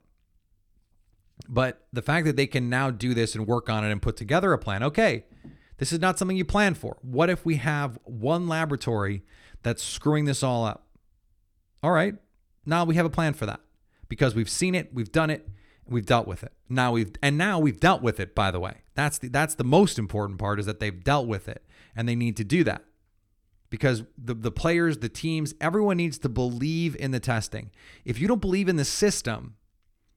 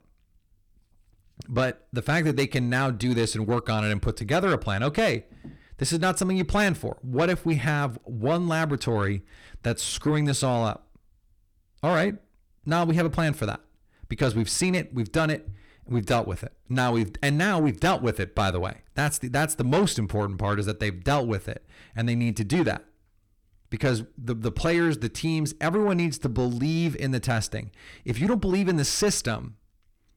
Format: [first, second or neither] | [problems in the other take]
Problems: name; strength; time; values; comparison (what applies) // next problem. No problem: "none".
first | distortion; slight; 10 dB below the speech